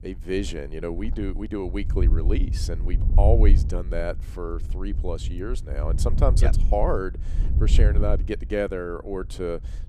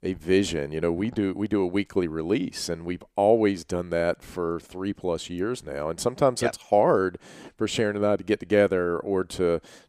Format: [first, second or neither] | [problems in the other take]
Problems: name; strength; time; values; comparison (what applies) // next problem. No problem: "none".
second | wind noise on the microphone; occasional gusts; 10 dB below the speech